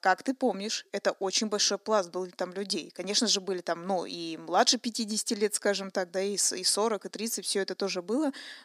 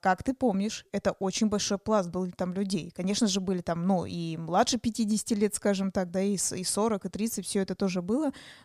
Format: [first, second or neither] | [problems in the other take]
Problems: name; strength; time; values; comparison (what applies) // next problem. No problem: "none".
second | thin; very slightly; fading below 300 Hz